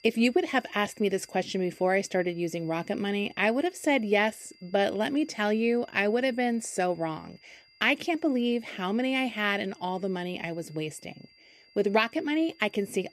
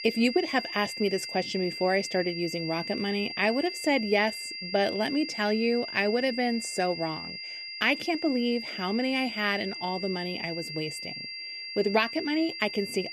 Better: first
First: high-pitched whine; faint; throughout; 5 kHz, 30 dB below the speech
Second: high-pitched whine; loud; throughout; 5 kHz, 7 dB below the speech

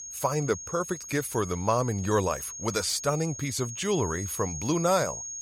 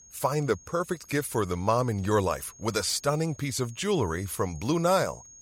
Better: second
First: high-pitched whine; loud; throughout; 6.5 kHz, 8 dB below the speech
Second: high-pitched whine; faint; throughout; 6.5 kHz, 20 dB below the speech

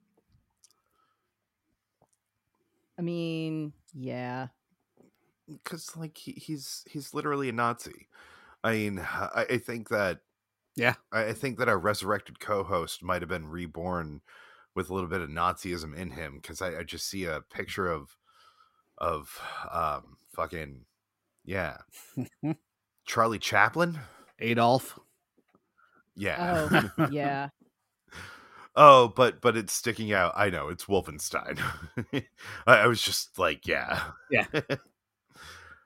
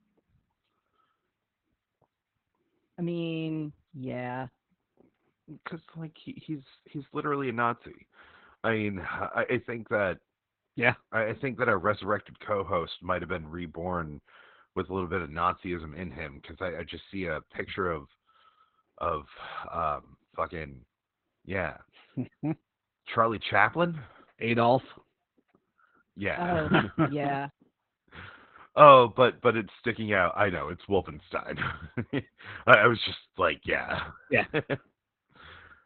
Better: first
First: none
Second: garbled, watery; badly; nothing above 4 kHz

